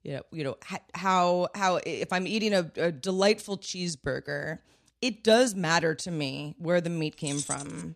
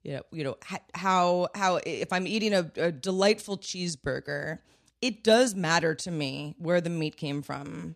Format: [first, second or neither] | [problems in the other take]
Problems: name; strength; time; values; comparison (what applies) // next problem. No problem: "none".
second | jangling keys; noticeable; at 7.5 s; peak 5 dB below the speech